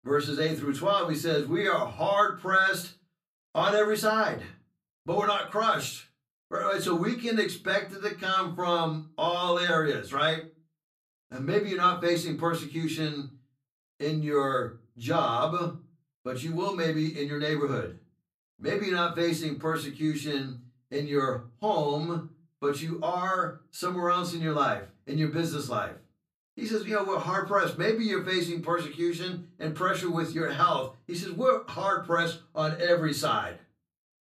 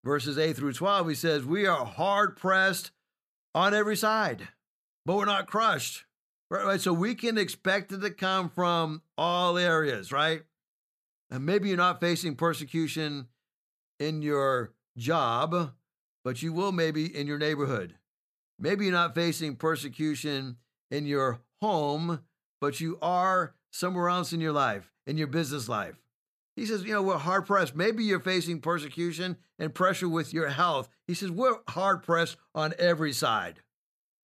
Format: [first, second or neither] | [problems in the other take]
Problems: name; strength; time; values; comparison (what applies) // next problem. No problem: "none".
second | off-mic speech; far // room echo; very slight; dies away in 0.3 s